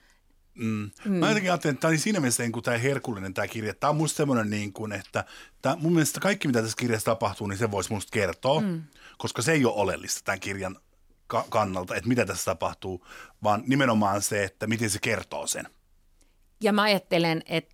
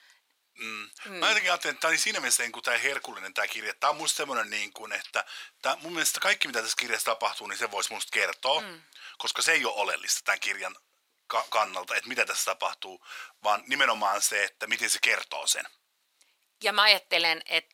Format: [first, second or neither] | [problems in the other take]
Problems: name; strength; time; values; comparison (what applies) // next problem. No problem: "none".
first | thin; very; fading below 850 Hz